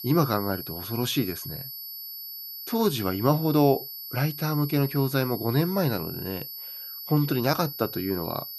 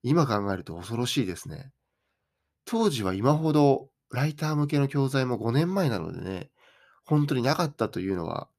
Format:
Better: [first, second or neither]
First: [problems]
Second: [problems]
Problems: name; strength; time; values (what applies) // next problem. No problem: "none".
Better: second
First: high-pitched whine; loud; throughout; 12 kHz, 9 dB below the speech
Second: none